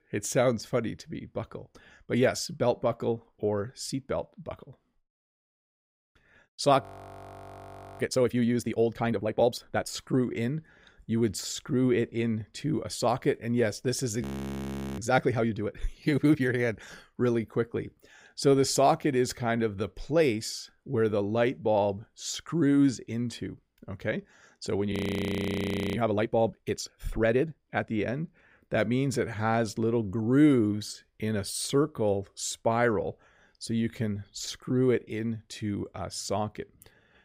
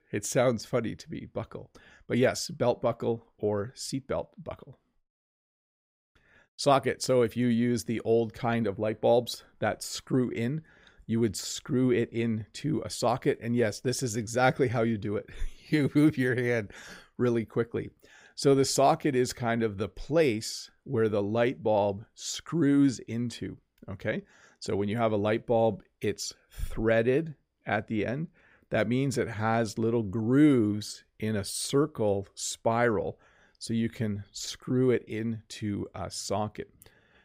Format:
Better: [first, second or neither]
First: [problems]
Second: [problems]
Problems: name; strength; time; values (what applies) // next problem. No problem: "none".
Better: second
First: audio freezing; at 7 s for 1 s, at 14 s for 1 s and at 25 s for 1 s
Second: none